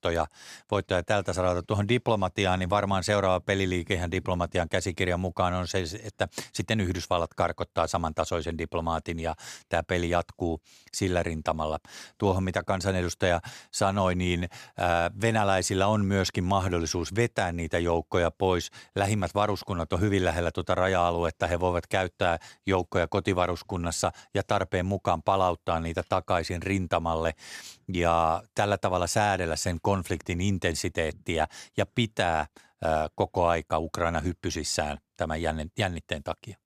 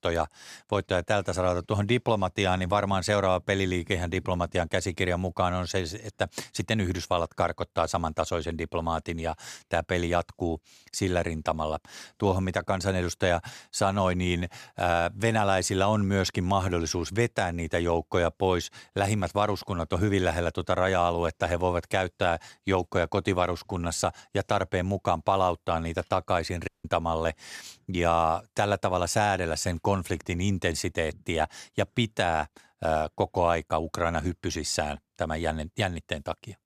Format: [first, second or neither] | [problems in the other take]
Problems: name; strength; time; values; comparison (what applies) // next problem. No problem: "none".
first | audio cutting out; at 27 s